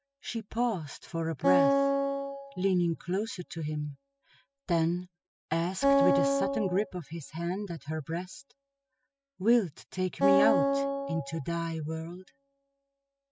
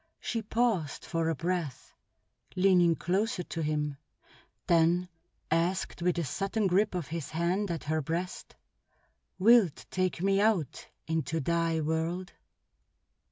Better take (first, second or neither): second